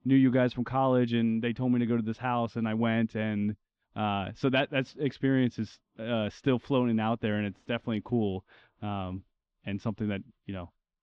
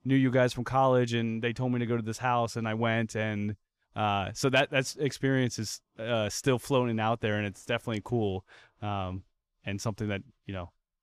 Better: second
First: muffled; slightly; fading above 3.5 kHz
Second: none

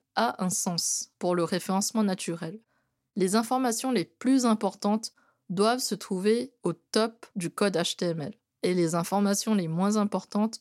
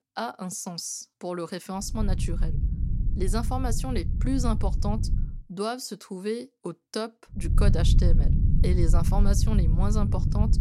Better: first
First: none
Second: low rumble; loud; from 2 to 5.5 s and from 7.5 s on; 7 dB below the speech

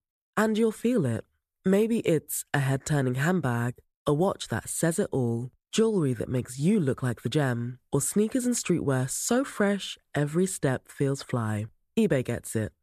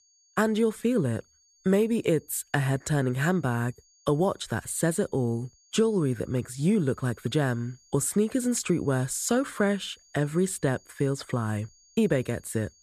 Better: first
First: none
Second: high-pitched whine; faint; throughout; 6.5 kHz, 30 dB below the speech

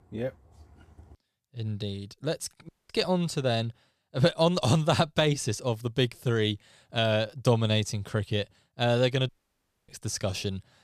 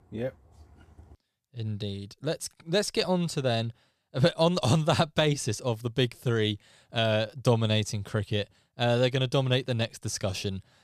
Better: second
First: audio cutting out; at 2.5 s and at 9.5 s for 0.5 s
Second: none

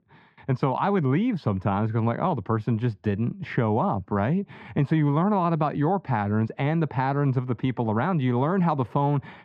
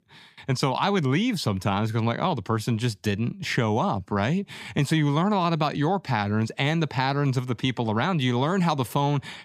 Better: second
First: muffled; very; fading above 4 kHz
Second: none

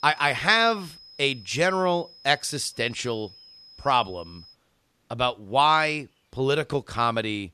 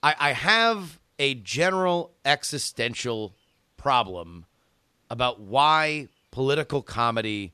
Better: second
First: high-pitched whine; faint; until 4.5 s; 5 kHz, 20 dB below the speech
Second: none

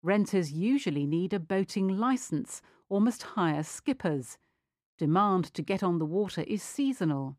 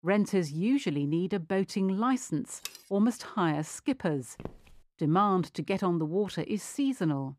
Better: first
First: none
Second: clattering dishes; faint; at 2.5 s; peak 15 dB below the speech // footsteps; faint; at 4.5 s; peak 15 dB below the speech

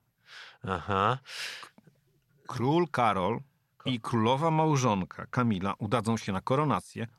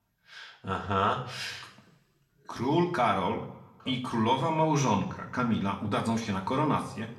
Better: first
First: none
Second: room echo; slight; dies away in 0.6 s // off-mic speech; somewhat distant

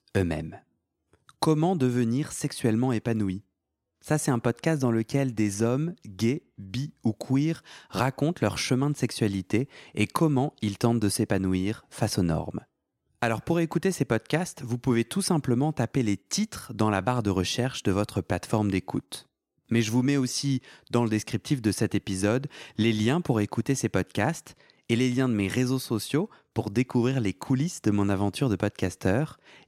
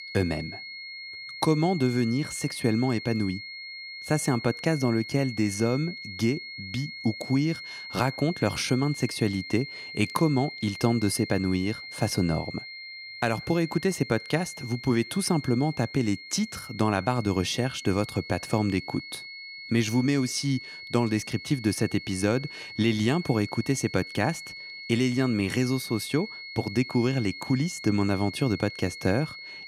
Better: first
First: none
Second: high-pitched whine; noticeable; throughout; 2 kHz, 10 dB below the speech

